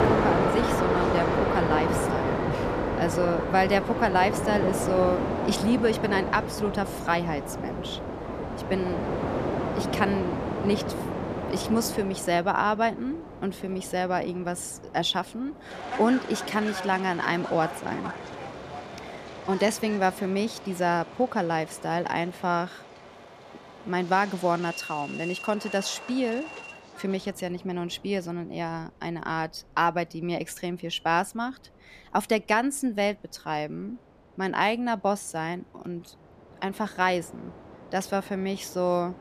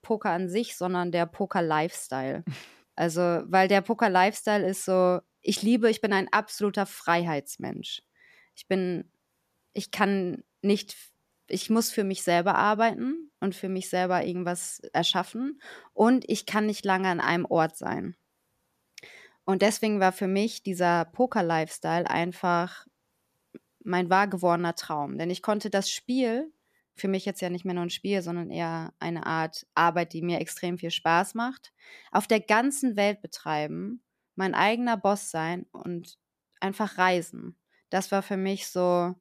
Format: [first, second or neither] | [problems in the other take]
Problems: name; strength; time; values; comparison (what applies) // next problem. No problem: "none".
second | train or aircraft noise; loud; throughout; 3 dB below the speech